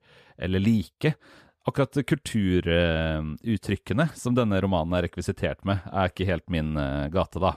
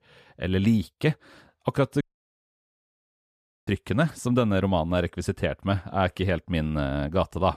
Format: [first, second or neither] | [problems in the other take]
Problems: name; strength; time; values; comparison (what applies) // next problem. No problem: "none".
first | audio cutting out; at 2 s for 1.5 s